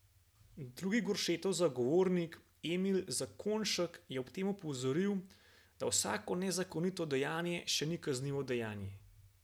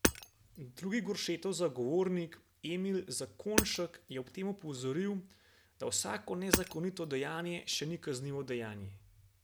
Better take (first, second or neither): first